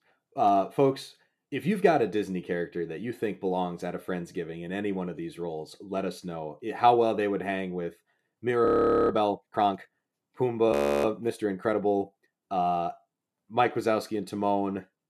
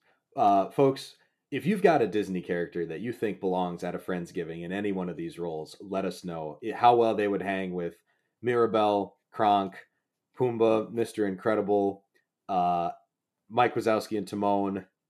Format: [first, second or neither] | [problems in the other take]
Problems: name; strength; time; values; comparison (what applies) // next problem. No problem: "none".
second | audio freezing; at 8.5 s and at 11 s